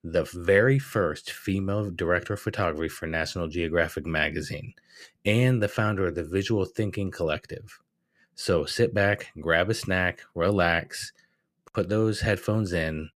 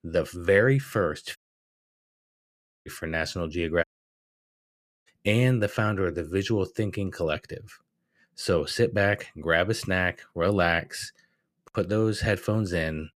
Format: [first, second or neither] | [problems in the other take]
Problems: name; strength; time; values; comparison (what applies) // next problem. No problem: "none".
first | audio cutting out; at 1.5 s for 1.5 s and at 4 s for 1 s